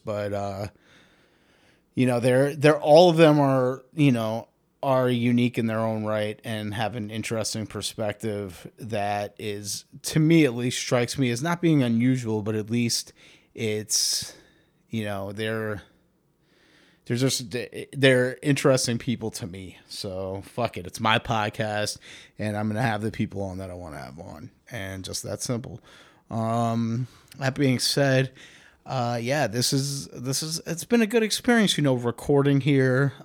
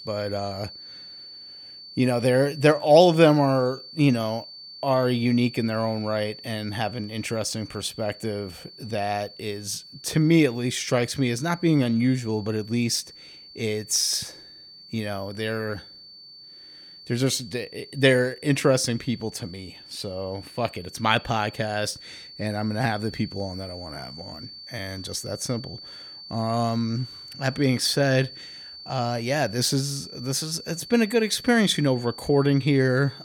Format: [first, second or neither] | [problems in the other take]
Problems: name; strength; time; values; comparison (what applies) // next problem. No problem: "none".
first | high-pitched whine; noticeable; throughout; 4.5 kHz, 15 dB below the speech